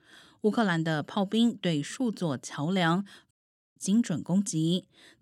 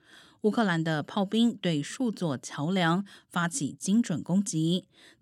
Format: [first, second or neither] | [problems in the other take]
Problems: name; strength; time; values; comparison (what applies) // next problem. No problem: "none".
second | audio cutting out; at 3.5 s